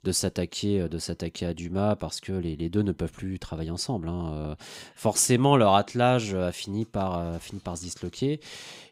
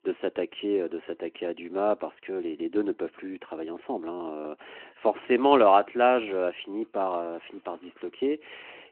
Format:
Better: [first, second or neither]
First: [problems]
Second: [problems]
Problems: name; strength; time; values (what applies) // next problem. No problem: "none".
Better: first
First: none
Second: phone-call audio